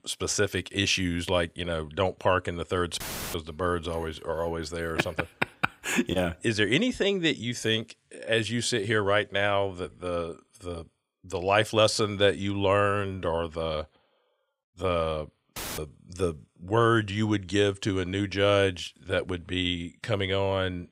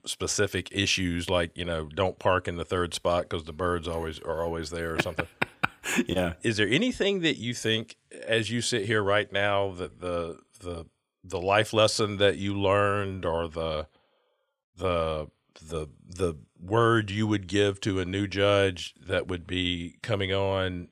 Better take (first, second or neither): second